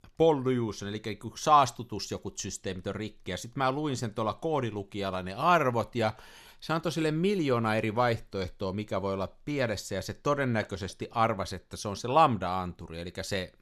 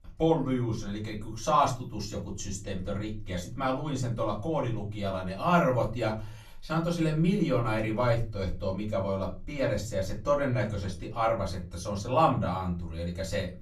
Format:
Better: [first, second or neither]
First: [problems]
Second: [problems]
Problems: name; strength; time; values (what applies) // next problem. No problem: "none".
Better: first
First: none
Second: off-mic speech; far // room echo; very slight; dies away in 0.4 s